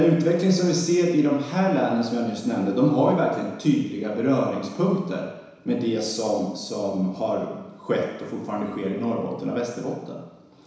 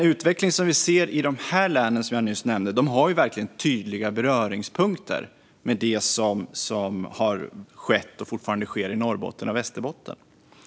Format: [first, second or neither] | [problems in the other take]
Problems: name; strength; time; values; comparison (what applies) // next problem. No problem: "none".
second | room echo; dies away in 1 s